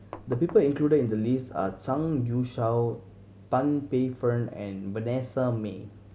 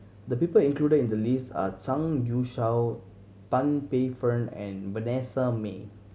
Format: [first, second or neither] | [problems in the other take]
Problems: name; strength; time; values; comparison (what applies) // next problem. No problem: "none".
second | background sound (Knock); 17 dB below the speech